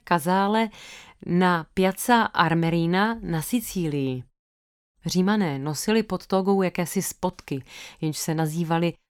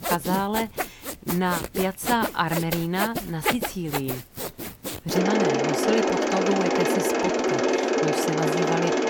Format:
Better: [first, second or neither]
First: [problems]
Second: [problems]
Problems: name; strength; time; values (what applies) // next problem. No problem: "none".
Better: first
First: none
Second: machinery noise; very loud; throughout; 2 dB above the speech